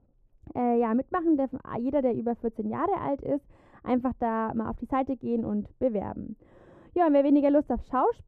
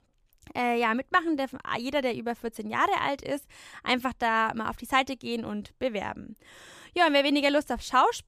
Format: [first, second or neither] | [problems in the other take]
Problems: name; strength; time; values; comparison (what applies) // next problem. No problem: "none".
second | muffled; very; fading above 1.5 kHz